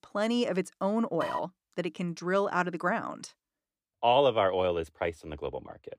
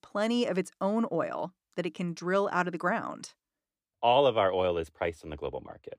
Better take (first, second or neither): second